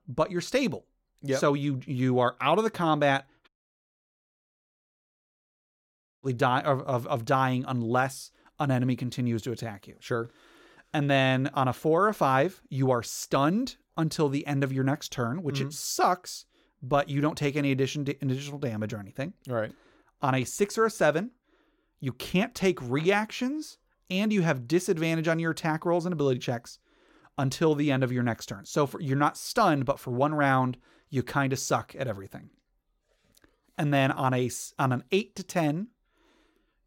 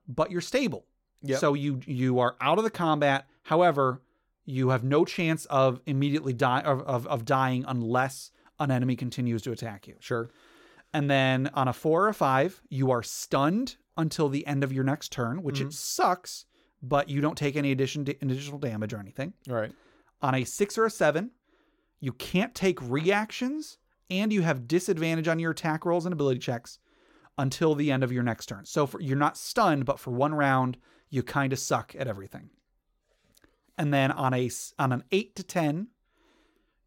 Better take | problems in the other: second | audio cutting out; at 3.5 s for 2.5 s

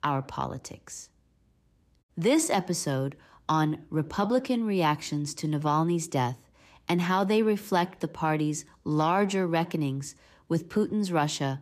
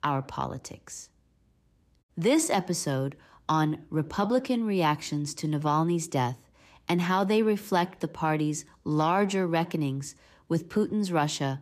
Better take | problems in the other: neither | none

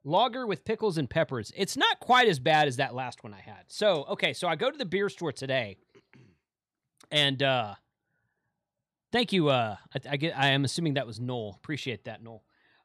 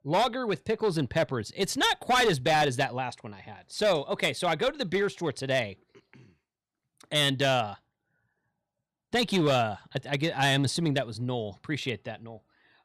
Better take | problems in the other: first | distortion; slight; 5% of the sound clipped

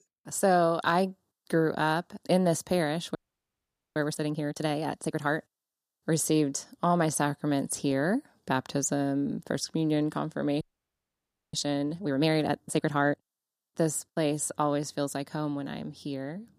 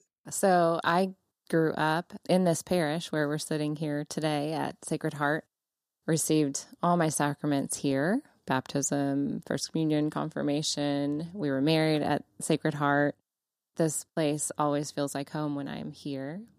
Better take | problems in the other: second | audio freezing; at 3 s for 1 s and at 11 s for 1 s

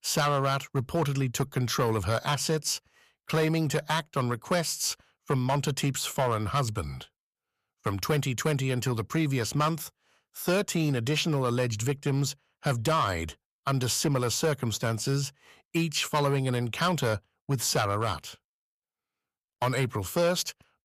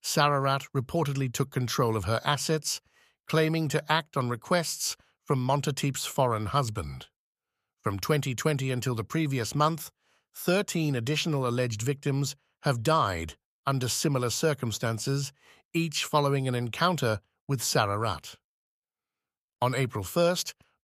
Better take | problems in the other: second | distortion; slight; 4% of the sound clipped

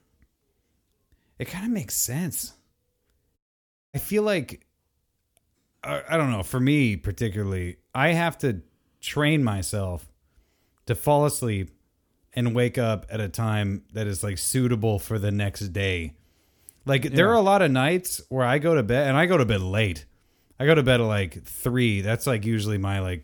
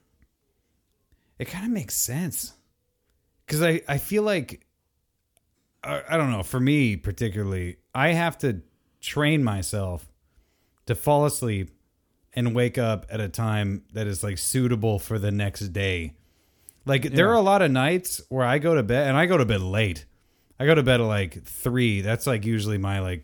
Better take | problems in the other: second | audio cutting out; at 3.5 s for 0.5 s

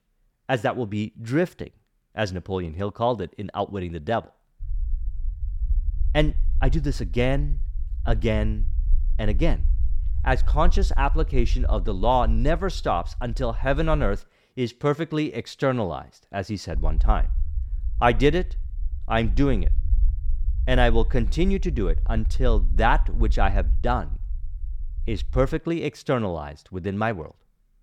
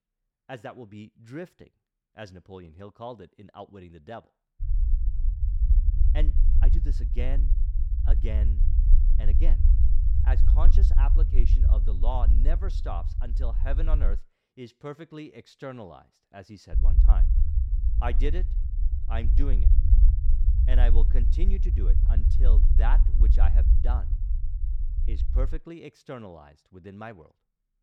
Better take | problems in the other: first | low rumble; loud; from 4.5 to 14 s and from 17 to 26 s; 6 dB below the speech; faint in the first

